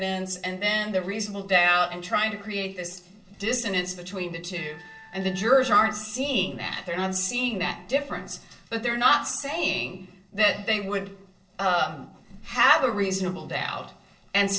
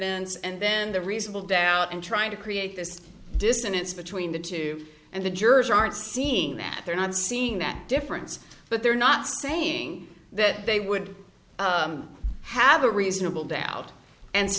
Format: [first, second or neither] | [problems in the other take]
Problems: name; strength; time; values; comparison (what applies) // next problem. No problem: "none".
second | noise reduction (neural separator model SepFormer DNS4)